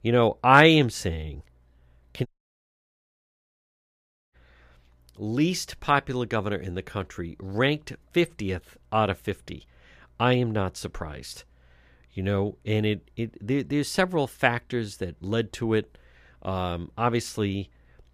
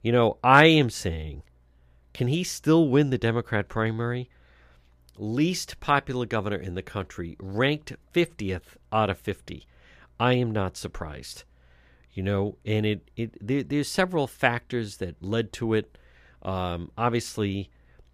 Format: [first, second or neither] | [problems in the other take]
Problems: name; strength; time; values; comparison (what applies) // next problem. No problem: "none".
second | audio cutting out; at 2.5 s for 2 s